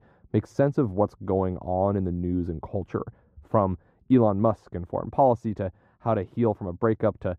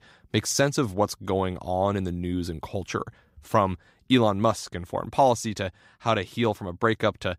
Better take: second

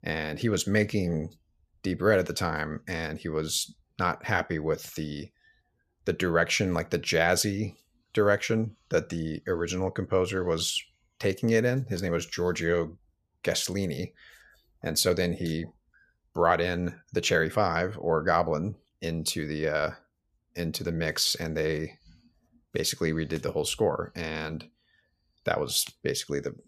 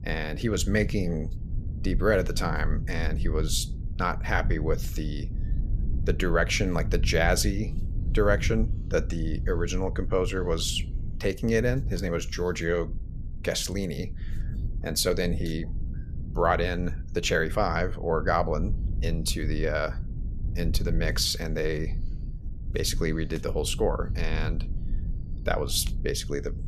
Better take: first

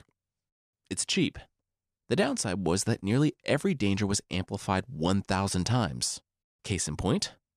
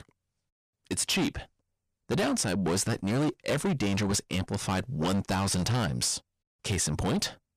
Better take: first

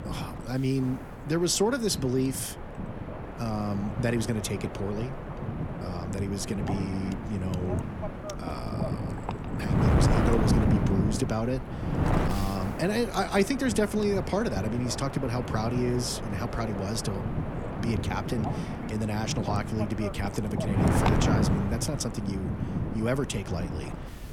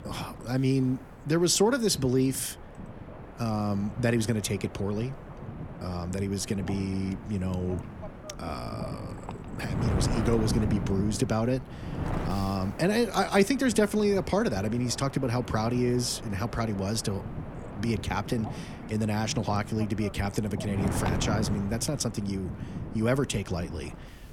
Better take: second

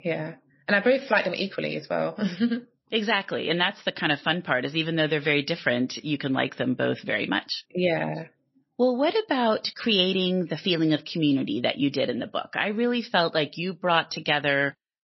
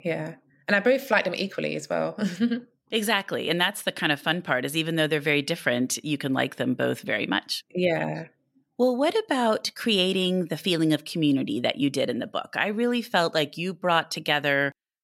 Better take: second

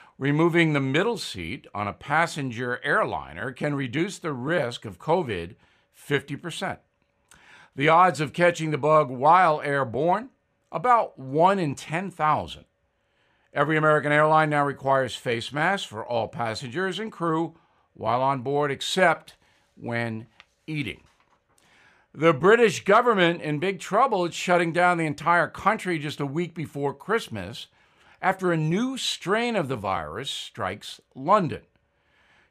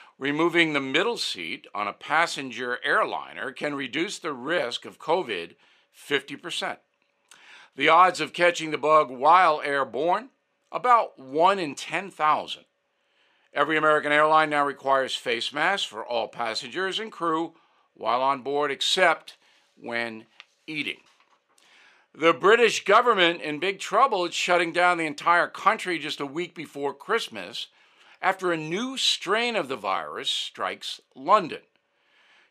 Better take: first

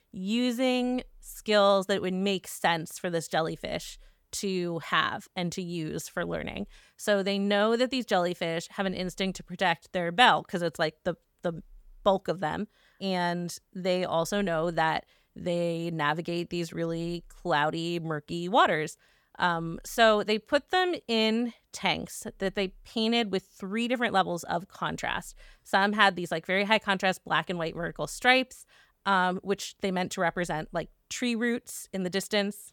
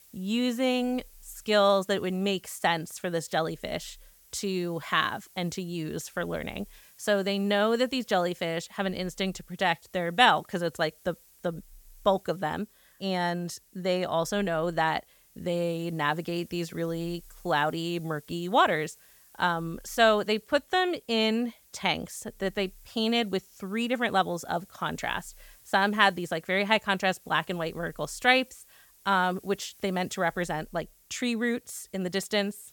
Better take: first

